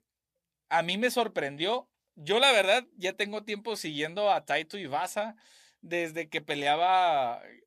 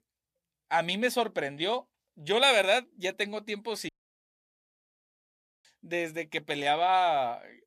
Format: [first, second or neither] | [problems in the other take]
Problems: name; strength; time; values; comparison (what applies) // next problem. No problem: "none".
first | audio cutting out; at 4 s for 2 s